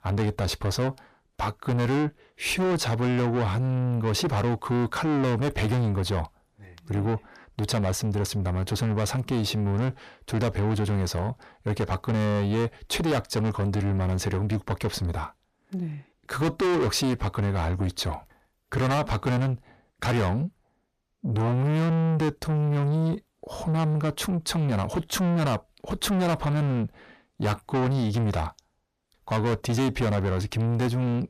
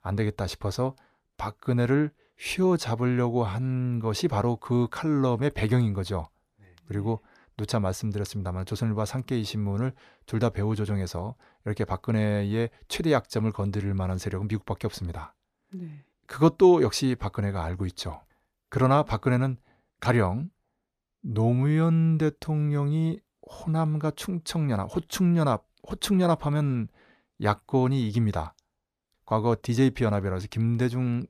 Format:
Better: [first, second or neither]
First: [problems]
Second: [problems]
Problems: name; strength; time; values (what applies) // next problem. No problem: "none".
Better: second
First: distortion; heavy; 7 dB below the speech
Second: none